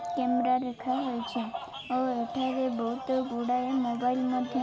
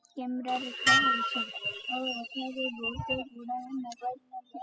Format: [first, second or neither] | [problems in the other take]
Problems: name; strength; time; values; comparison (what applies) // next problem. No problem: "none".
first | noise reduction (classical method spectral subtraction)